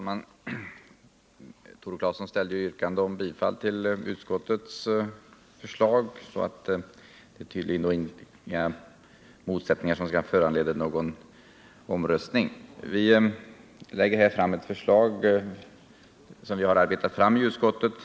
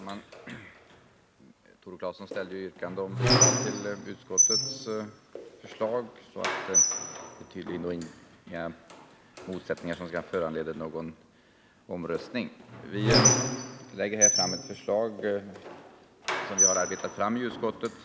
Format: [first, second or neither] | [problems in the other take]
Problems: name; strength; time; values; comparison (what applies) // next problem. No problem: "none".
first | background sound (Squeak); 4 dB above the speech